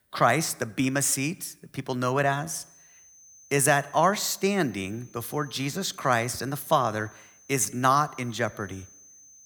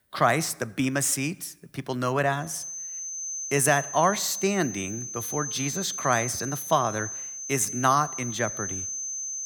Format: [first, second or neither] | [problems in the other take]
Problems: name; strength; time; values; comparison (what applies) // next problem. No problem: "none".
first | high-pitched whine; loud; from 2.5 s on; 6 kHz, 6 dB below the speech; faint in the first